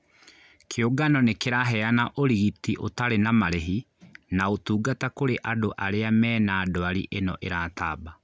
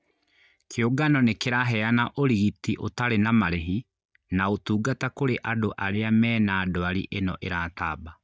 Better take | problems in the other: first | noise reduction (neural mask model DeepFilterNet 3)

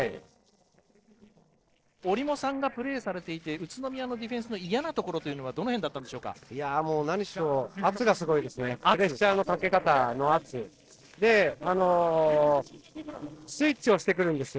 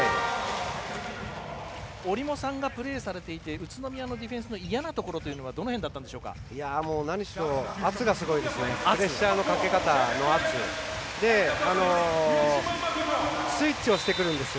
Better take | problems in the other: second | noise reduction (neural separator model SepFormer DNS4)

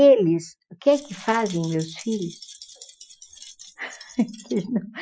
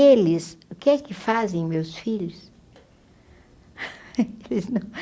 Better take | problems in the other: second | noise reduction (classical method Wiener filter)

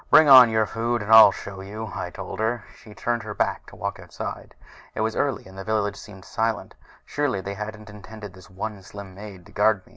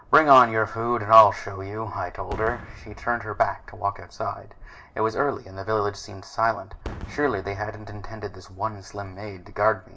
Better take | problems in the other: first | background sound (Fireworks); 19 dB below the speech // room echo; dies away in 0.3 s

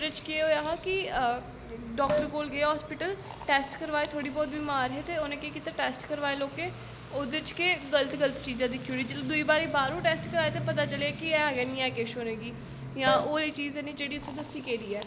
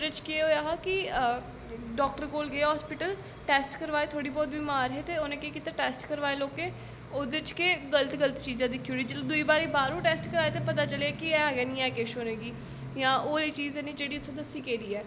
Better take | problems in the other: second | background sound (Liquid); 11 dB below the speech

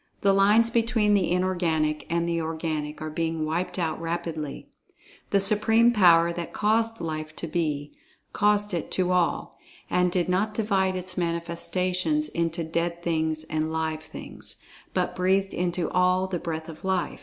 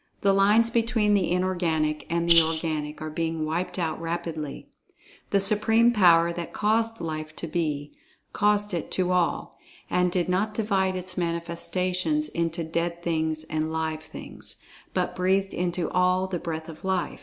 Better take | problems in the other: first | background sound (Rattle (instrument)); 1 dB above the speech

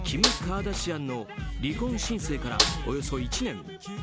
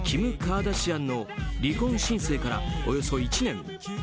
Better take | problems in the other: second | background sound (Snare drum); 1 dB below the speech

